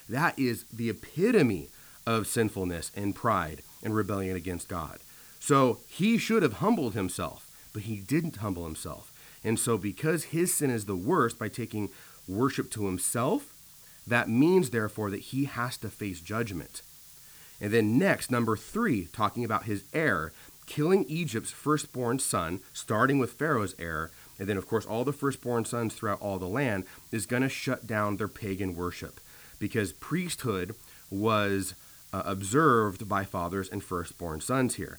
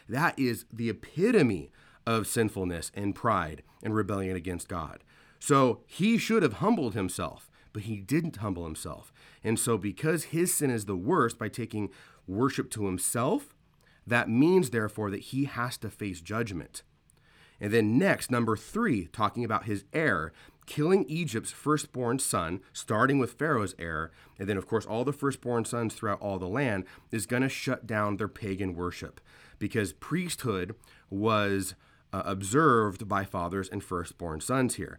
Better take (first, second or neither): second